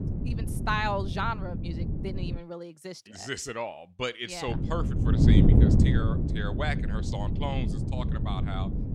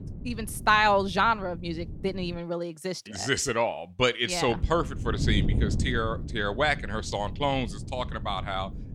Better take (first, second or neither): second